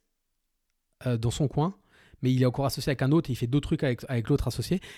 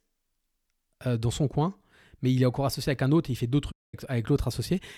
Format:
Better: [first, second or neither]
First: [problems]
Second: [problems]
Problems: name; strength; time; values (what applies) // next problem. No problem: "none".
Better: first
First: none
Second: audio cutting out; at 3.5 s